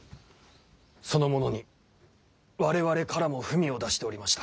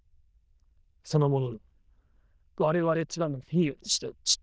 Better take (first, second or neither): first